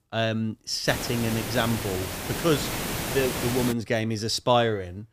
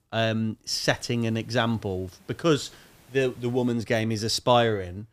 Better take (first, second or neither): second